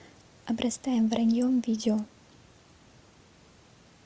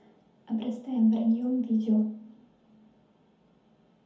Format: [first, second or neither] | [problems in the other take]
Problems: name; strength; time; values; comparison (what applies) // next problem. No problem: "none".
first | room echo; dies away in 0.6 s